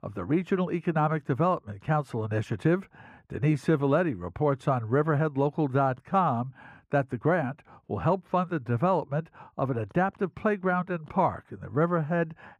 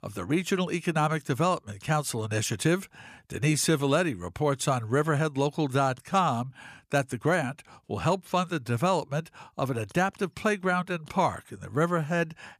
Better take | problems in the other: second | muffled; very; fading above 3 kHz

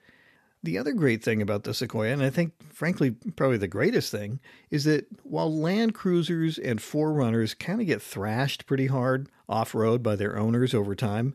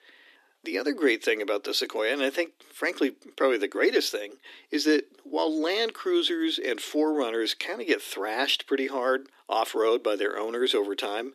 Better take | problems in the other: first | thin; somewhat; fading below 300 Hz

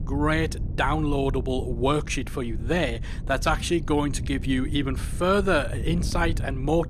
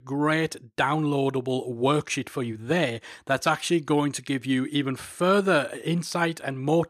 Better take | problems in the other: second | wind noise on the microphone; occasional gusts; 20 dB below the speech

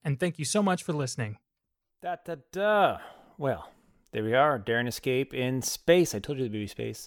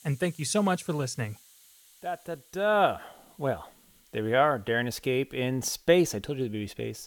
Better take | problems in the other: first | hiss; faint; throughout; 30 dB below the speech

